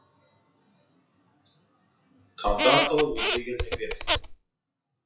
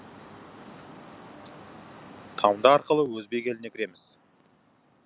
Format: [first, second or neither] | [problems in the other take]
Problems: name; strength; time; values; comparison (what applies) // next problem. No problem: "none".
second | noise reduction (classical method WPE with log-MMSE)